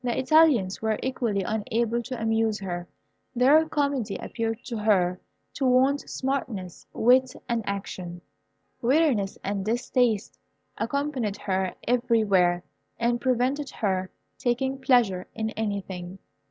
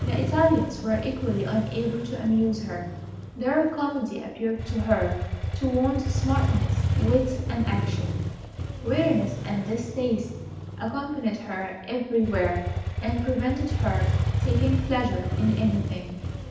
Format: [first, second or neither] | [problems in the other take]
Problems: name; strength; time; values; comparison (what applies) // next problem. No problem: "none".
first | background sound (Motorcycle); 1 dB below the speech // room echo; dies away in 0.9 s